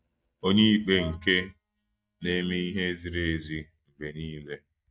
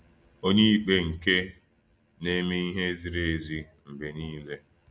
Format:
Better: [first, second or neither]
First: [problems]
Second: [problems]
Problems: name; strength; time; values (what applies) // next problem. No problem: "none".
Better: second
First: noise reduction (neural mask model DeepFilterNet 3)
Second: none